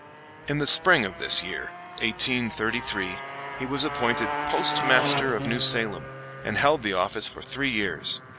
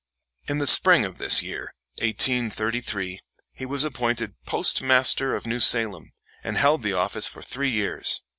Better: second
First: background sound (Motorcycle); 6 dB below the speech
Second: none

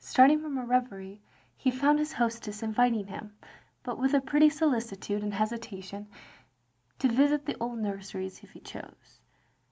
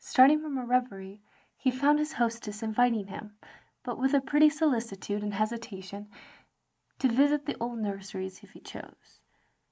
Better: first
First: none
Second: noise reduction (neural mask model Resemble Enhance denoiser)

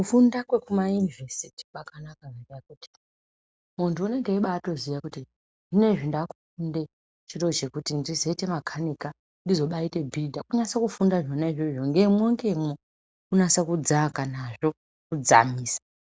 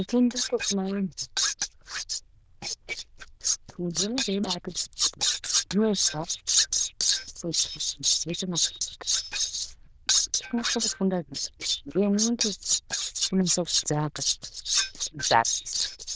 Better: first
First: none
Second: noise reduction (neural diffusion model UNIVERSE++)

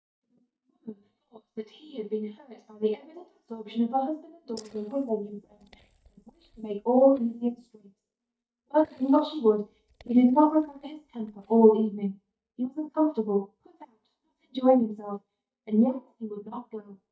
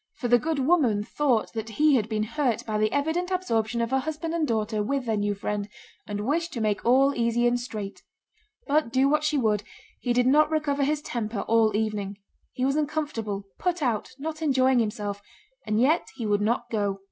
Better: second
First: noise reduction (neural mask model DeepFilterNet 3)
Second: none

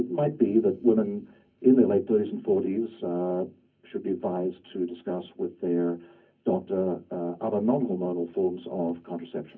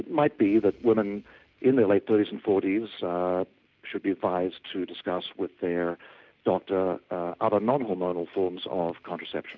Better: second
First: room echo; dies away in 0.3 s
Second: none

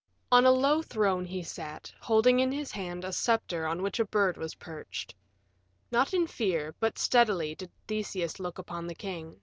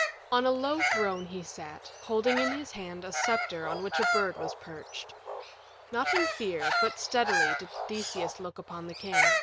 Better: first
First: none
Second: background sound (Bird vocalization, bird call, bird song); 1 dB above the speech

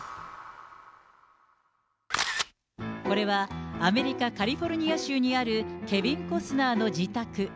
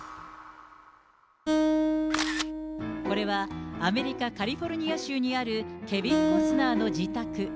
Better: first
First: none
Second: background sound (Acoustic guitar); as loud as the speech

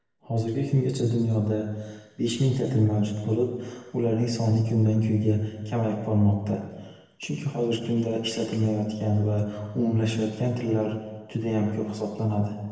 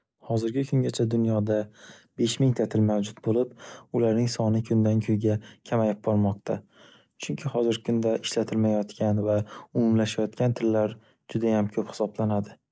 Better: second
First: room echo; dies away in 1.2 s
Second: none

